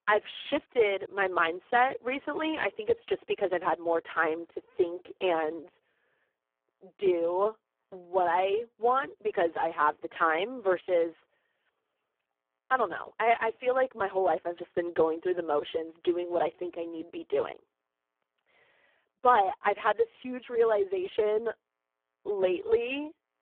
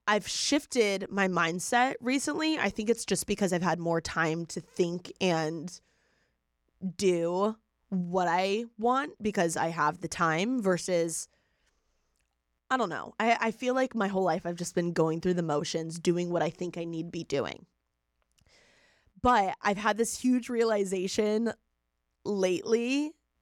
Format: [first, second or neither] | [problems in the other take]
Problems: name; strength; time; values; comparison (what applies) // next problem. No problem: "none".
second | phone-call audio; poor line